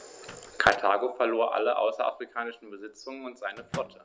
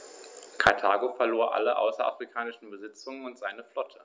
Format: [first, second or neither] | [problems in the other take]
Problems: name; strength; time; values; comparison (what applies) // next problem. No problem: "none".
second | background sound (Microwave oven); 19 dB below the speech